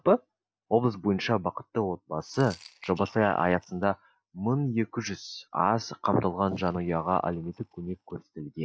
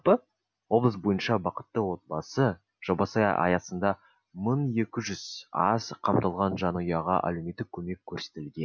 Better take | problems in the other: second | noise reduction (neural mask model DeepFilterNet 3)

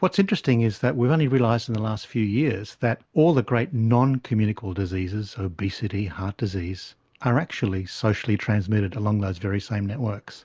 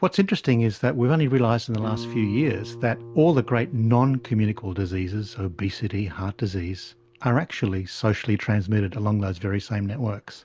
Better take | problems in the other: first | background sound (Guitar); 19 dB below the speech

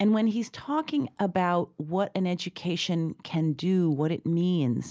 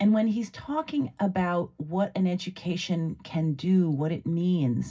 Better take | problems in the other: first | room echo; dies away in 0.4 s

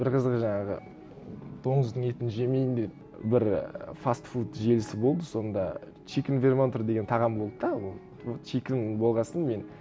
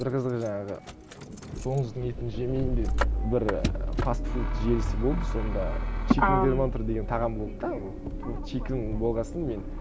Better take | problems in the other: first | background sound (Motor vehicle (road)); 1 dB above the speech

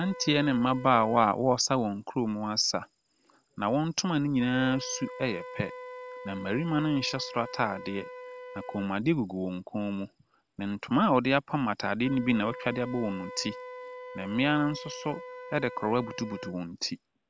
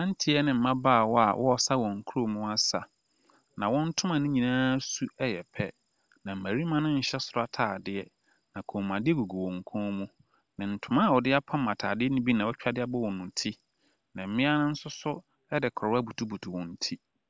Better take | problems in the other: second | background sound (Wind instrument, woodwind instrument); 15 dB below the speech

